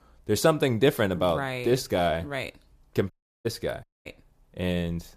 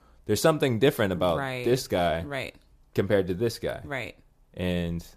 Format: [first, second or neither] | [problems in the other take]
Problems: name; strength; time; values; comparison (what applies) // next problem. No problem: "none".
second | audio cutting out; at 3 s and at 4 s